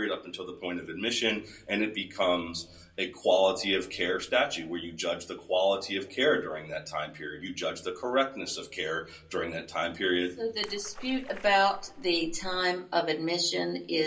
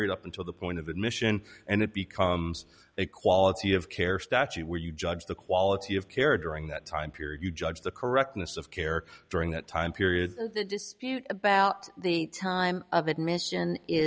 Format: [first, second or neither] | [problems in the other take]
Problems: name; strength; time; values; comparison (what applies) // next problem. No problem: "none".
second | background sound (Splash, splatter); 11 dB below the speech // room echo; dies away in 0.3 s